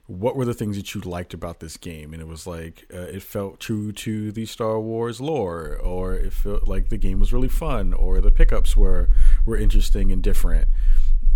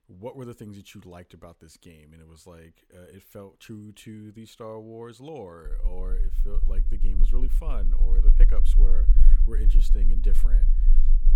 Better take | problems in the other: first | low rumble; loud; from 5.5 s on; 8 dB below the speech; faint in the first

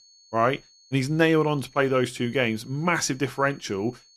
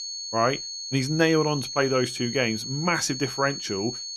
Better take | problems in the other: first | high-pitched whine; loud; throughout; 4.5 kHz, 6 dB below the speech; faint in the first

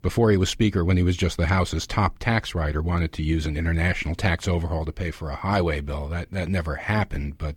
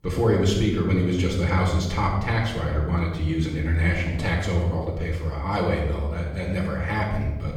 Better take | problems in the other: first | off-mic speech; far // room echo; noticeable; dies away in 1 s

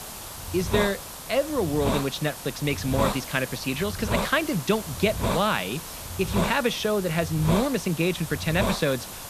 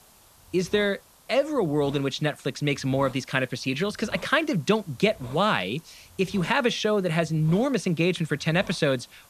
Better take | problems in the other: second | hiss; loud; throughout; 5 dB below the speech; faint in the second

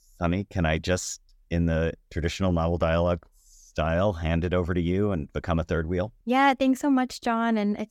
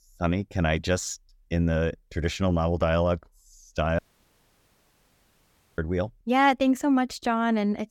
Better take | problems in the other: first | audio cutting out; at 4 s for 2 s

